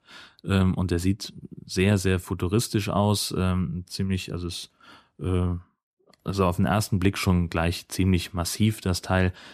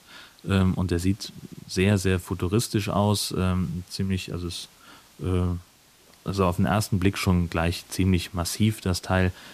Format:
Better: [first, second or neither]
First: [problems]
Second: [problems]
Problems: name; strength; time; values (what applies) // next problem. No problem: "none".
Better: first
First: none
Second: hiss; faint; throughout; 25 dB below the speech